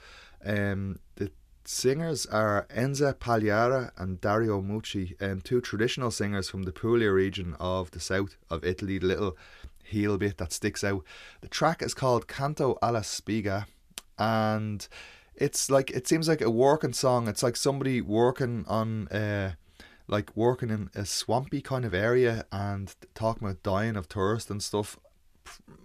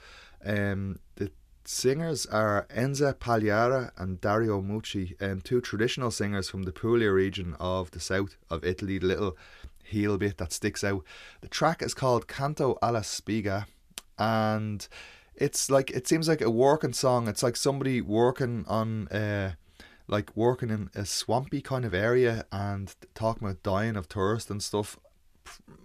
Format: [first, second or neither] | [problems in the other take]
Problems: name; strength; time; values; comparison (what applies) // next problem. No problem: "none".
neither | none